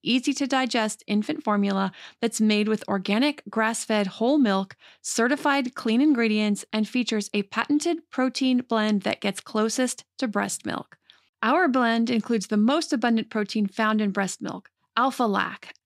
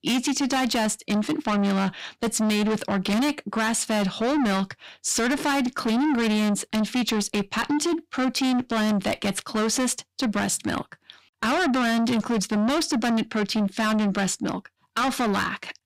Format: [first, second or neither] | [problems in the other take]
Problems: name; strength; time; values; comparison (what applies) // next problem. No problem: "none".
first | distortion; heavy; 6 dB below the speech